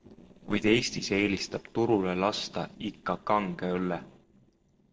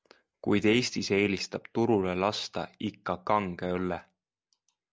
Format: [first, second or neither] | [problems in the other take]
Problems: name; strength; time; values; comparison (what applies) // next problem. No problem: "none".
second | noise reduction (neural separator model SepFormer DNS4)